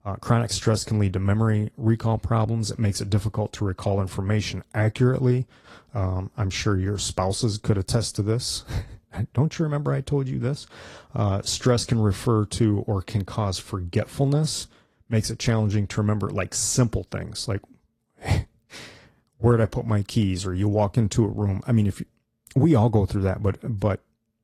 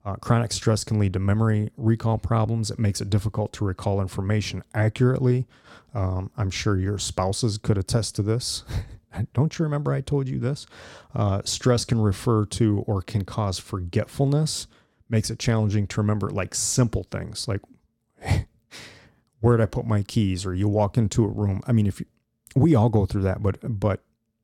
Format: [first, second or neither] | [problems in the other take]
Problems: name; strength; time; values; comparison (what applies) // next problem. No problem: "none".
second | garbled, watery; slightly